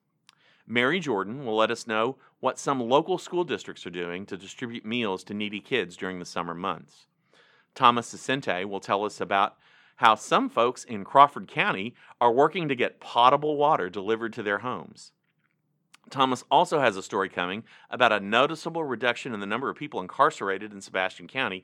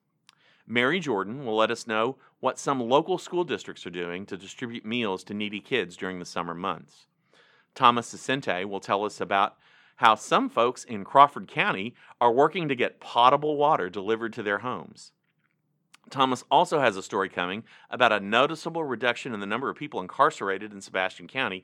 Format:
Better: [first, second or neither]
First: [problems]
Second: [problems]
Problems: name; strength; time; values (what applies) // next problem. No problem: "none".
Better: neither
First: none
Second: none